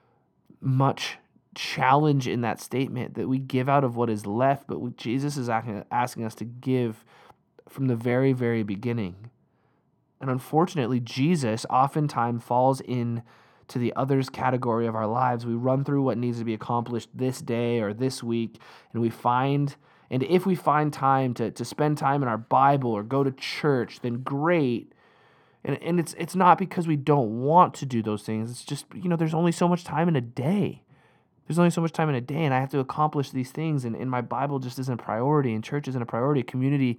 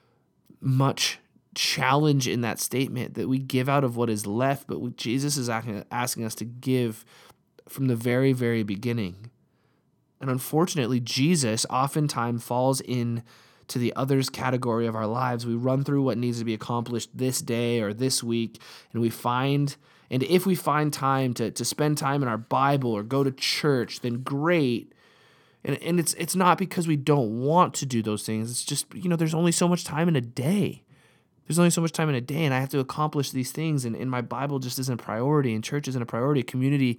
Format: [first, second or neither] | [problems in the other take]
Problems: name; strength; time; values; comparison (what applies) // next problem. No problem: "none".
second | muffled; slightly; fading above 3.5 kHz